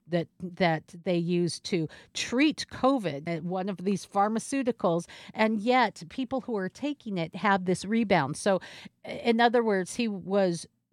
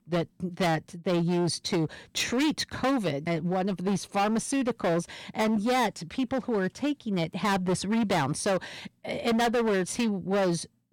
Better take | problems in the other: first | distortion; heavy; 17% of the sound clipped

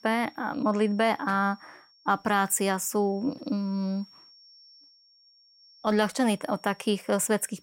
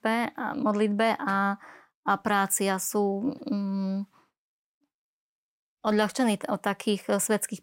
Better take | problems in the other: second | high-pitched whine; faint; throughout; 5.5 kHz, 25 dB below the speech

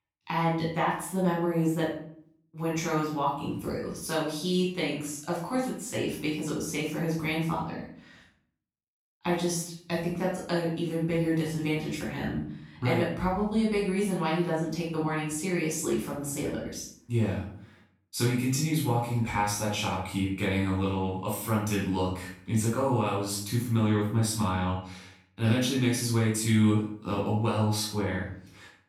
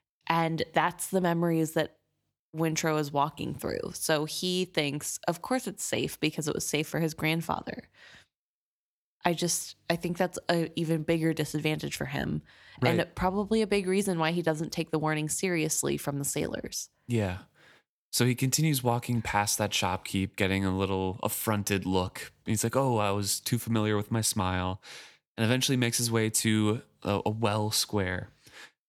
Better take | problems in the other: second | off-mic speech; far // room echo; noticeable; dies away in 0.5 s

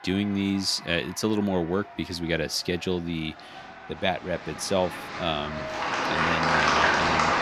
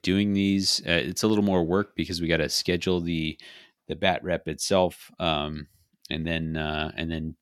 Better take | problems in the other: second | crowd noise; very loud; throughout; 3 dB above the speech

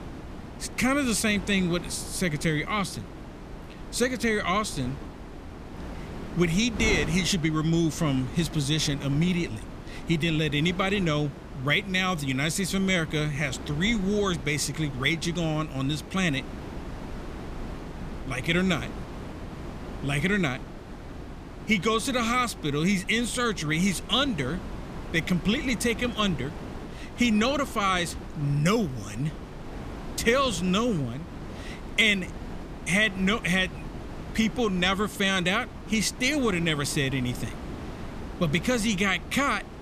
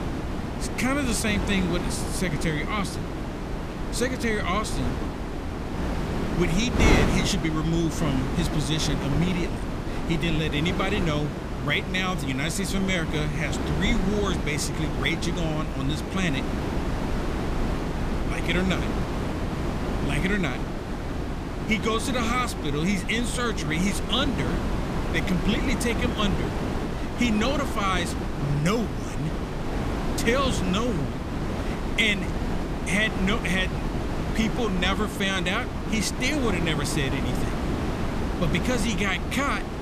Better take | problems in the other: first | wind noise on the microphone; heavy; 5 dB below the speech; occasional gusts in the first

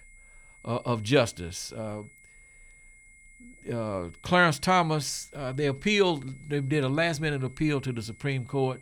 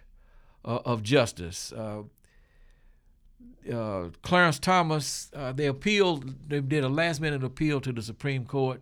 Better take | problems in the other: second | high-pitched whine; faint; throughout; 2 kHz, 25 dB below the speech

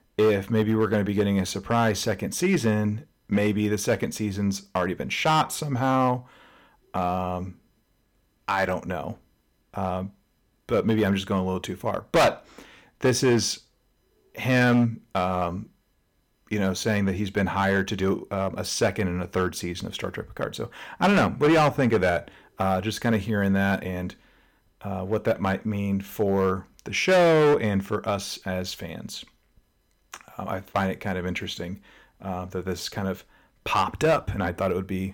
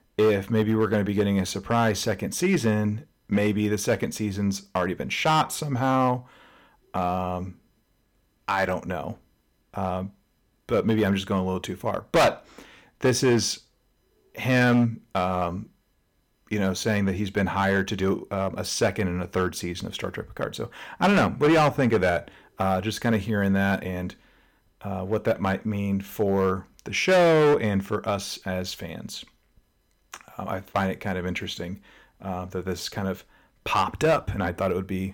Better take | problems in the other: neither | distortion; heavy; 3% of the sound clipped; the same in both

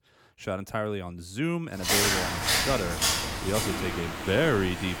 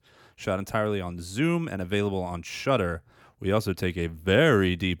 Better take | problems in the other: second | rain or running water; very loud; from 2 s on; 3 dB above the speech

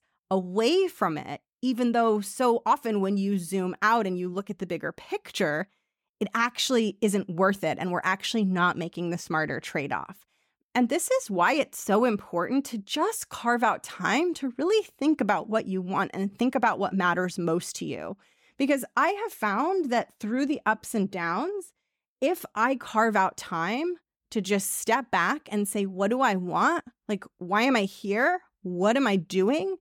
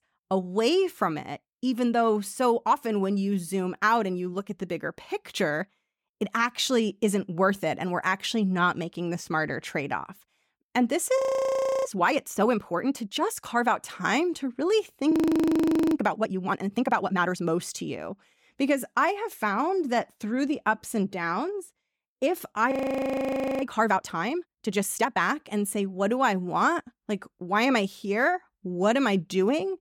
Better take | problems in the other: first | audio freezing; at 11 s for 0.5 s, at 15 s for 1 s and at 23 s for 1 s

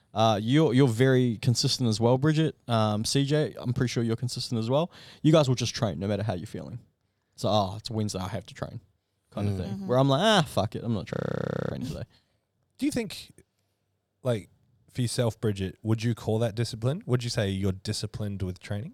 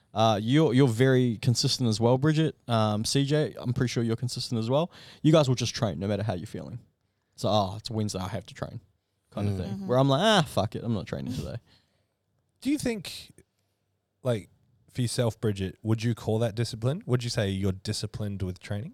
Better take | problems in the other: second | audio freezing; at 11 s for 0.5 s

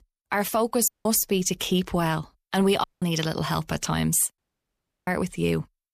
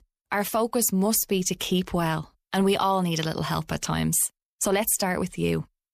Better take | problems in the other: second | audio cutting out; at 1 s, at 3 s and at 4.5 s for 0.5 s

